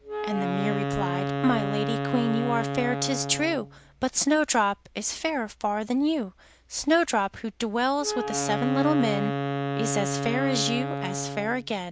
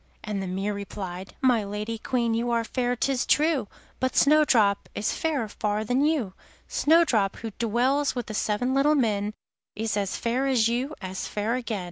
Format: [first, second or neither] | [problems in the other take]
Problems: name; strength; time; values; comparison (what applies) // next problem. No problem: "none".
second | background sound (Wind instrument, woodwind instrument); 4 dB below the speech